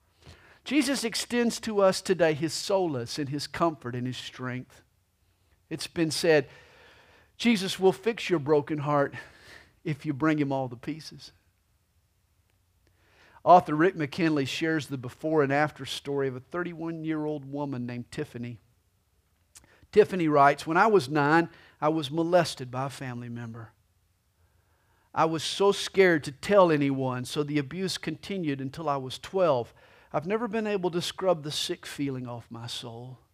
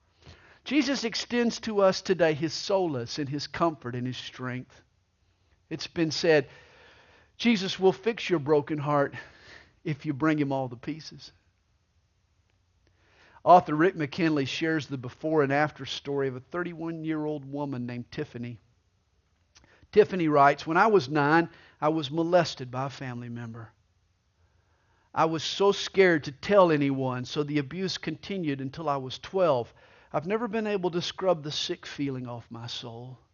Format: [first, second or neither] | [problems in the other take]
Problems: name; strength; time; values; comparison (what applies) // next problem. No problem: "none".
first | garbled, watery; slightly; nothing above 6.5 kHz